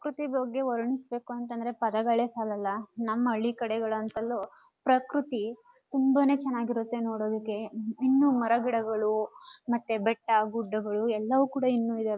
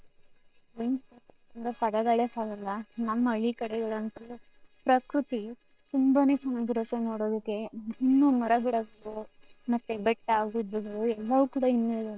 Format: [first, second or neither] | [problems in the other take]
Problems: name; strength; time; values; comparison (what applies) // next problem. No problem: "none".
first | noise reduction (neural separator model SepFormer WHAM!)